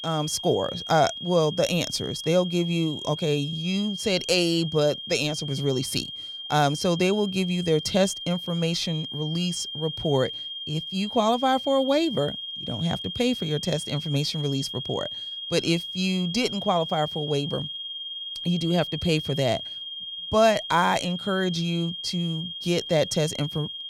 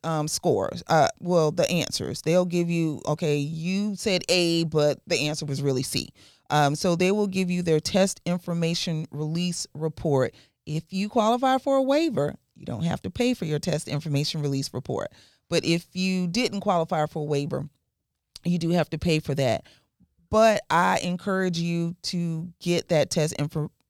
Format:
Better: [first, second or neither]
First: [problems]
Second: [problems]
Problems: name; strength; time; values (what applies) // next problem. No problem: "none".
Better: second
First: high-pitched whine; loud; throughout; 3 kHz, 7 dB below the speech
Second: none